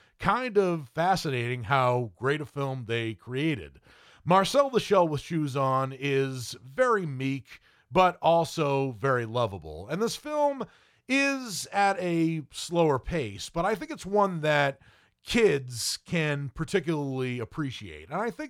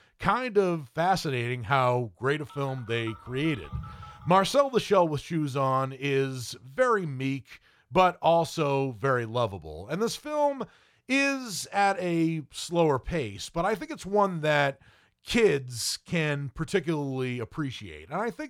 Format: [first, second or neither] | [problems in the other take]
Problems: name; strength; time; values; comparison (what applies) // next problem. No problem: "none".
first | phone ringing; faint; from 3 to 4.5 s; peak 10 dB below the speech